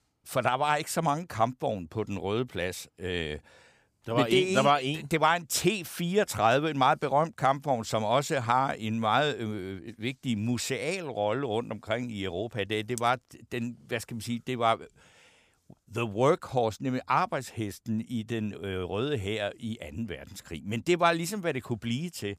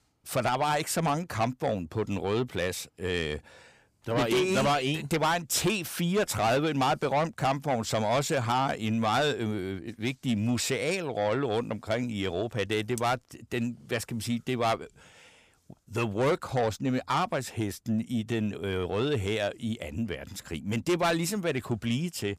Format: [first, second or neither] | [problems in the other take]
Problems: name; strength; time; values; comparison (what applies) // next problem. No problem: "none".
first | distortion; heavy; 8 dB below the speech